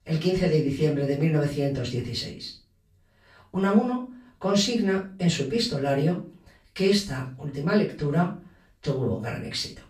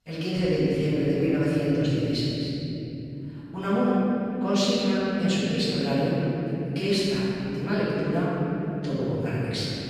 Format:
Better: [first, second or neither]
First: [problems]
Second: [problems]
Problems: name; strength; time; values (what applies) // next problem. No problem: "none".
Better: first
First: room echo; slight; dies away in 0.3 s // off-mic speech; far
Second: room echo; strong; dies away in 3 s // off-mic speech; far